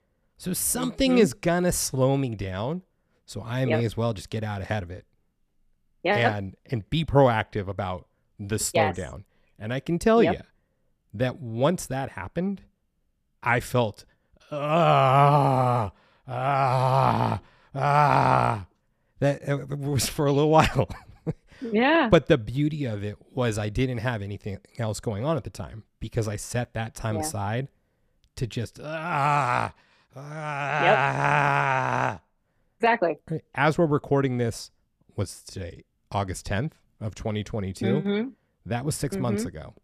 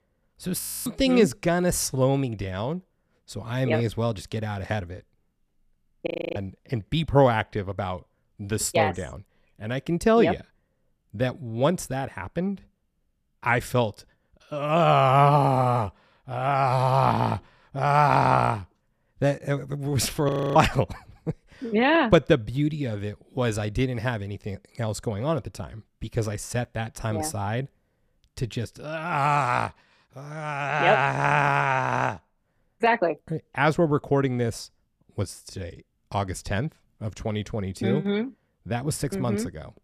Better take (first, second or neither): first